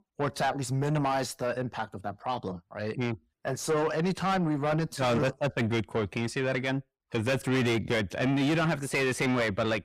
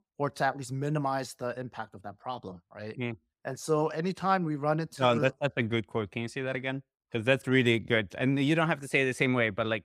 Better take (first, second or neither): second